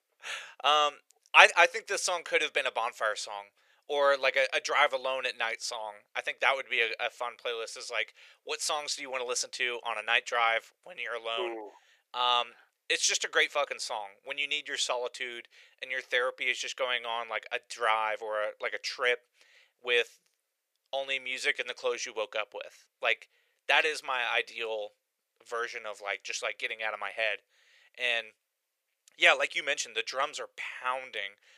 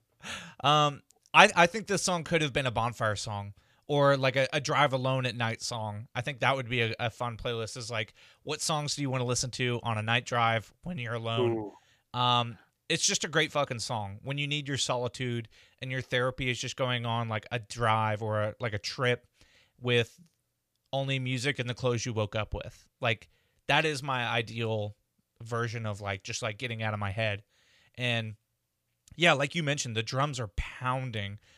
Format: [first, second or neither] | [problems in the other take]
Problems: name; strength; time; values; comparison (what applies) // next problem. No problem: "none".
second | thin; very; fading below 450 Hz